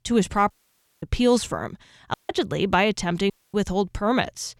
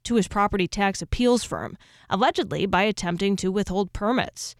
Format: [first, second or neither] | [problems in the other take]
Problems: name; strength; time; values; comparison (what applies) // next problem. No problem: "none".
second | audio cutting out; at 0.5 s for 0.5 s, at 2 s and at 3.5 s